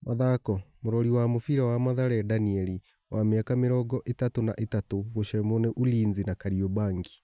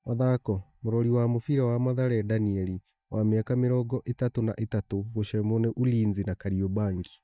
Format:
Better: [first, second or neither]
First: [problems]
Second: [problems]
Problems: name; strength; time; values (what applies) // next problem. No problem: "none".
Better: first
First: none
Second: noise reduction (neural mask model DeepFilterNet 3)